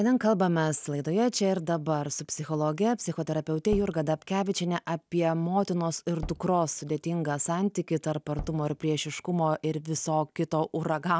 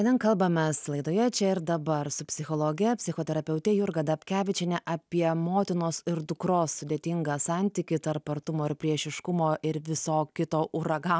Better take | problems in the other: second | background sound (Tap / Bass drum); 15 dB below the speech

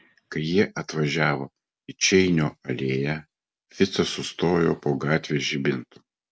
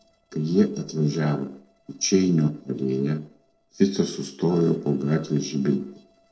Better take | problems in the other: first | noise reduction (neural separator model SepFormer DNS4)

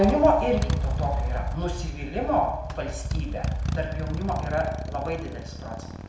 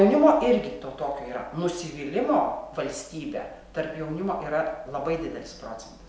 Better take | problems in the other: second | background sound (Motorcycle); 2 dB below the speech // room echo; dies away in 0.3 s

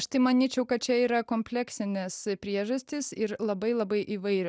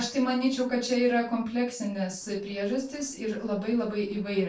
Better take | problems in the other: first | noise reduction (neural separator model SepFormer DNS4)

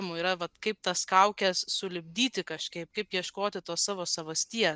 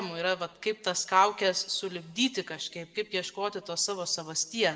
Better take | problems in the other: first | room echo; dies away in 0.9 s

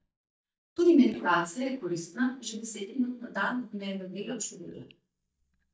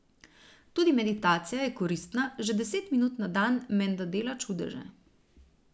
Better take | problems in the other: second | noise reduction (neural mask model DeepFilterNet 3)

